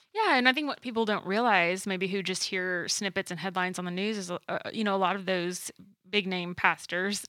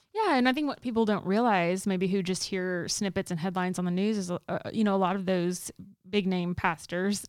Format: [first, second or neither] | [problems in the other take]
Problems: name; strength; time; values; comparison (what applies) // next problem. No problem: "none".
second | thin; very slightly; fading below 600 Hz